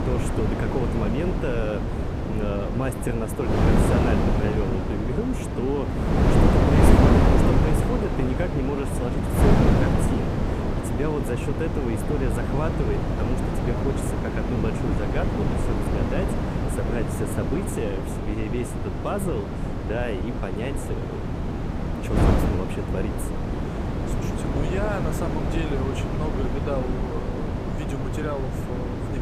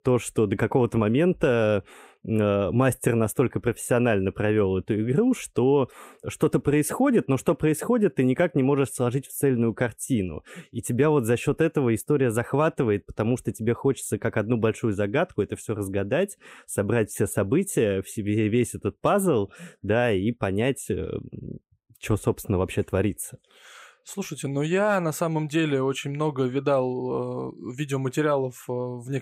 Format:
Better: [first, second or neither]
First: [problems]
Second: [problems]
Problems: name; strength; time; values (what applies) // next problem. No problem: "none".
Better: second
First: wind noise on the microphone; heavy; 2 dB above the speech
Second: none